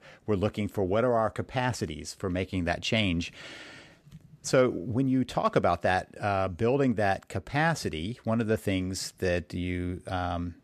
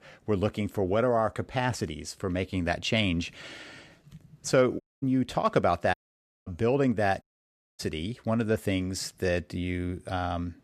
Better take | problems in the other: first | audio cutting out; at 5 s, at 6 s for 0.5 s and at 7 s for 0.5 s

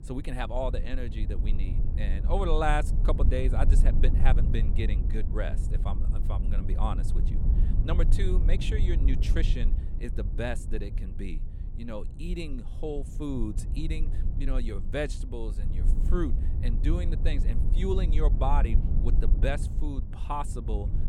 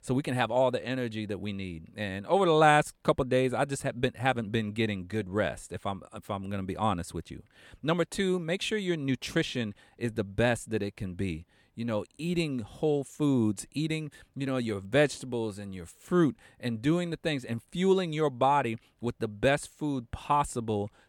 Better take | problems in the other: second | low rumble; noticeable; throughout; 10 dB below the speech

